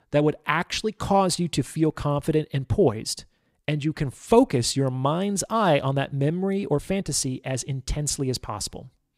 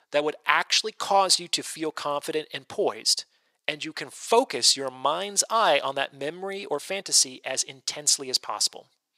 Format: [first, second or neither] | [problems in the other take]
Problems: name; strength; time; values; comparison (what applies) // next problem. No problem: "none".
first | thin; very; fading below 600 Hz